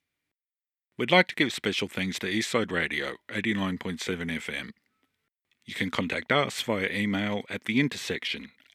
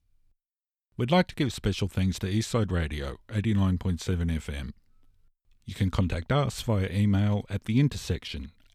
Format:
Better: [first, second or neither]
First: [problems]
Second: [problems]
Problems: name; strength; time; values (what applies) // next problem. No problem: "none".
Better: second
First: thin; somewhat; fading below 300 Hz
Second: none